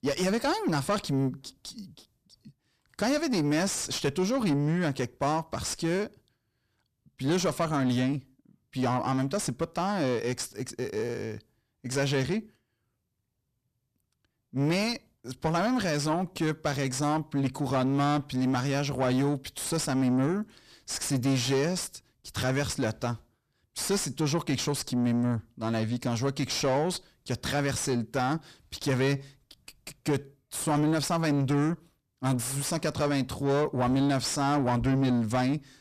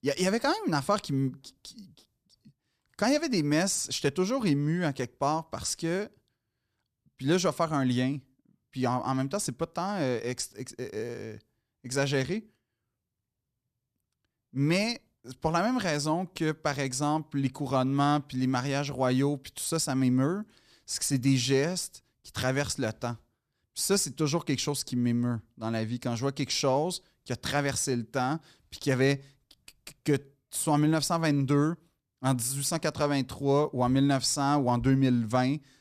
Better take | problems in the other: second | distortion; slight; 9 dB below the speech

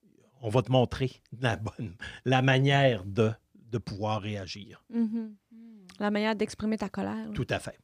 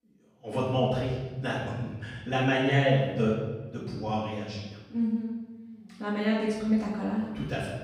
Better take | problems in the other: first | off-mic speech; far // room echo; noticeable; dies away in 1.1 s

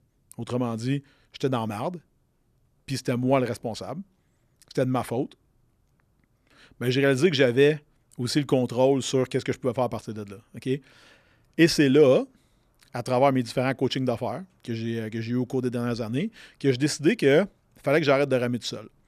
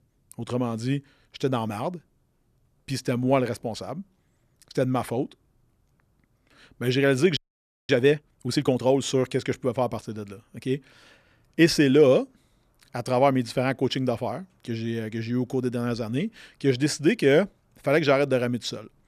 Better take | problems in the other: first | audio freezing; at 7.5 s for 0.5 s

